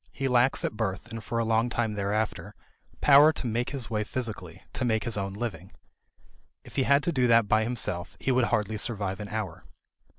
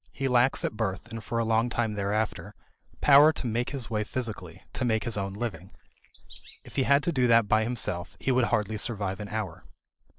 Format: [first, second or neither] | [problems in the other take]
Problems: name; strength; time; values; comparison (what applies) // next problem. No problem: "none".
first | noise reduction (neural separator model SepFormer DNS4)